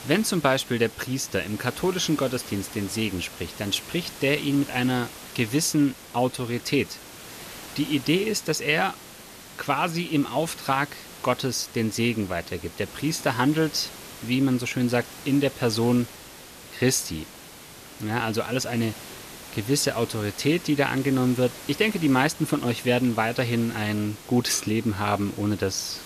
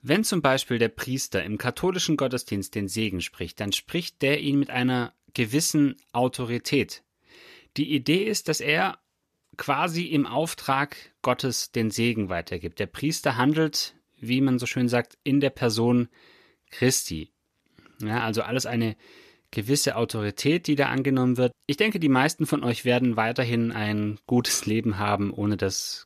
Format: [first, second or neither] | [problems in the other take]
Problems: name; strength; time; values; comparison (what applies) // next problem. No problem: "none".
second | hiss; noticeable; throughout; 15 dB below the speech